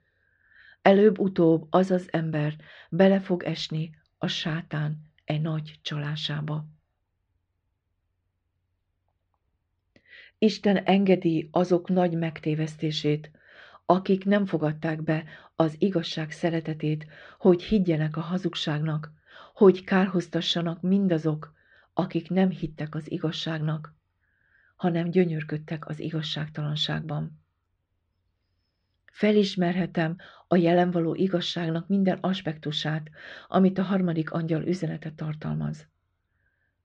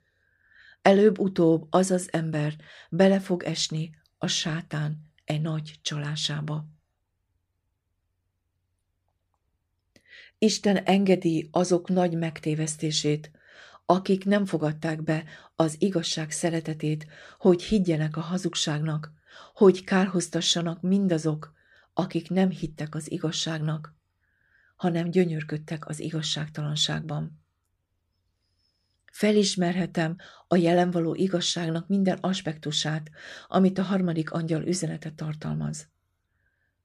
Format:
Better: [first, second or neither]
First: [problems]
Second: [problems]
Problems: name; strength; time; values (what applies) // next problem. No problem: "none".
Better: second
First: muffled; slightly; fading above 3.5 kHz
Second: none